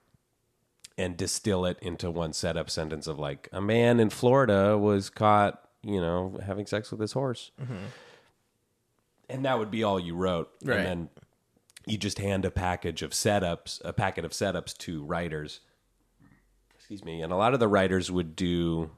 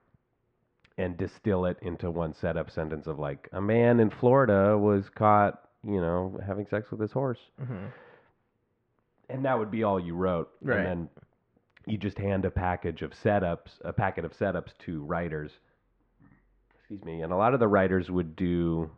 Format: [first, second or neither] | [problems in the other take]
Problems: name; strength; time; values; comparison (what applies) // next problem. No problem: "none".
first | muffled; very; fading above 2 kHz